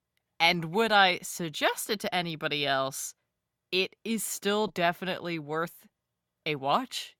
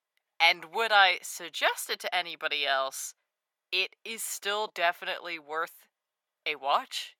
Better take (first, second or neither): first